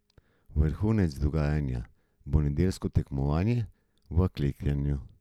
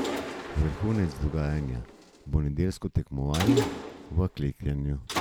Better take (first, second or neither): first